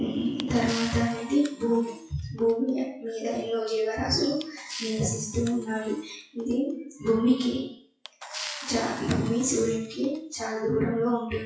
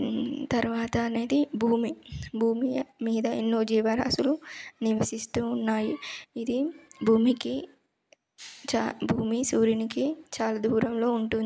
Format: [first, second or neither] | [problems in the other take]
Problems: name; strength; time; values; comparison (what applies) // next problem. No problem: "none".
second | noise reduction (classical method WPE with log-MMSE)